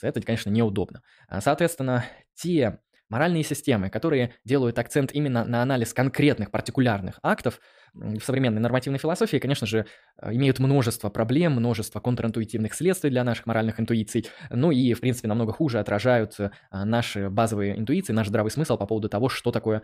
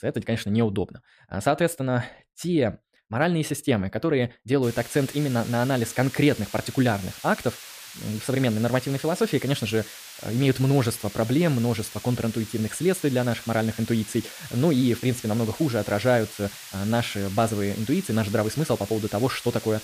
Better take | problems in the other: first | hiss; noticeable; from 4.5 s on; 15 dB below the speech

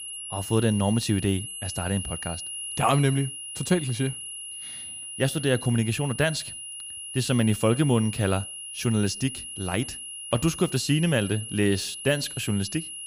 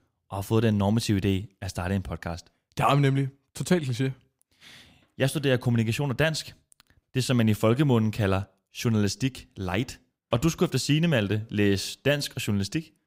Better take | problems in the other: second | high-pitched whine; loud; throughout; 3 kHz, 8 dB below the speech

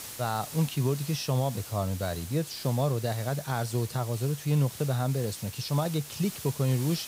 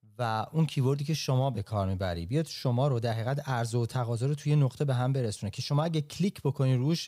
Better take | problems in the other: second | hiss; noticeable; throughout; 10 dB below the speech

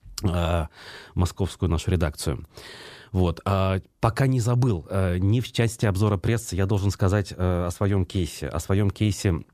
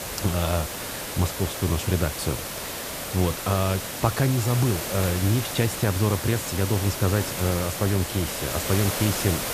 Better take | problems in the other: first | hiss; loud; throughout; 4 dB below the speech

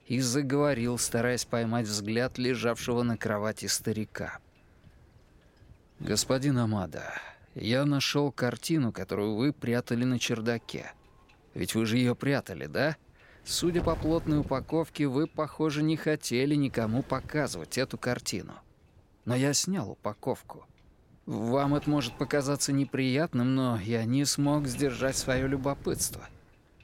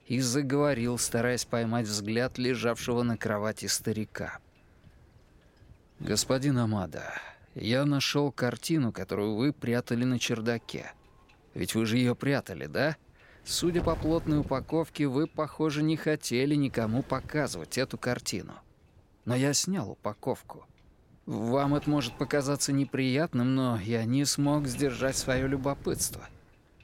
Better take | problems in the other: neither | wind noise on the microphone; occasional gusts; 20 dB below the speech; the same in both

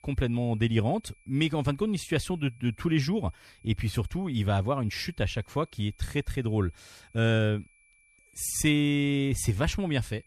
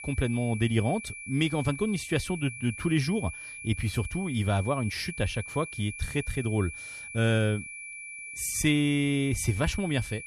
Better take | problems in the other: first | high-pitched whine; loud; throughout; 2.5 kHz, 10 dB below the speech; faint in the first

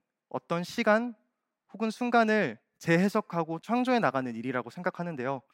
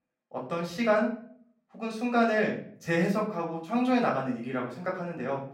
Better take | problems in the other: first | room echo; slight; dies away in 0.4 s // off-mic speech; far

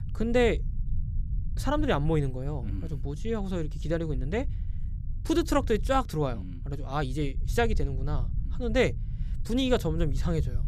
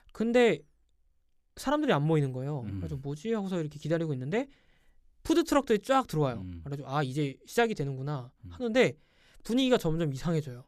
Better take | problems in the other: second | low rumble; faint; throughout; 20 dB below the speech

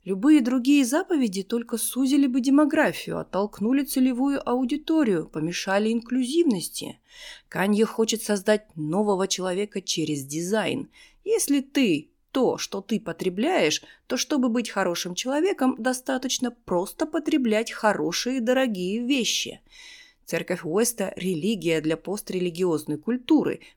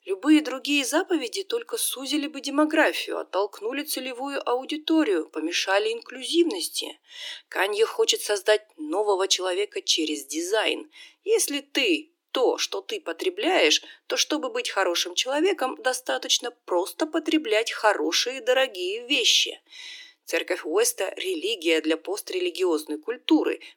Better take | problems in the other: first | thin; somewhat; fading below 300 Hz

